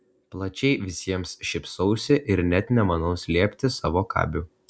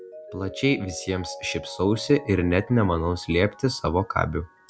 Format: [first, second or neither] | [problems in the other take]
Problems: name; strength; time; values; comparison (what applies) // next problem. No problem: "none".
first | background sound (Mallet percussion); 18 dB below the speech